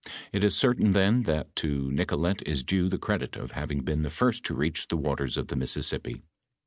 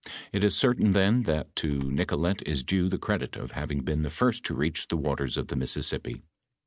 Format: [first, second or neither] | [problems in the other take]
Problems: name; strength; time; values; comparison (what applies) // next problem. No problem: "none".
first | background sound (Bird); 12 dB below the speech